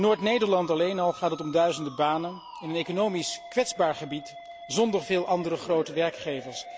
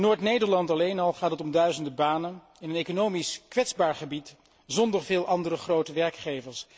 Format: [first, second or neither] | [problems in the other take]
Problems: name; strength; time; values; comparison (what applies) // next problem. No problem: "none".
second | background sound (Musical instrument); 16 dB below the speech